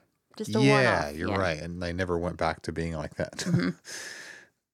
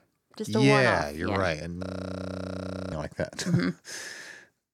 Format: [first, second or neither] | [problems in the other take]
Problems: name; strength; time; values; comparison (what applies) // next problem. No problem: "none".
first | audio freezing; at 2 s for 1 s